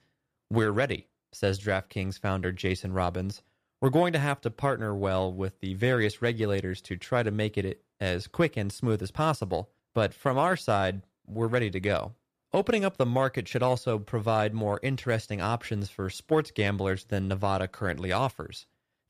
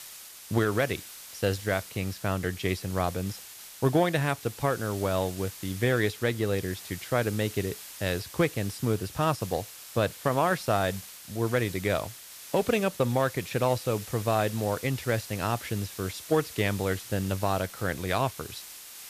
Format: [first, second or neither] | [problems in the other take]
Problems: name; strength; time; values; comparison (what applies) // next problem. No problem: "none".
first | hiss; noticeable; throughout; 15 dB below the speech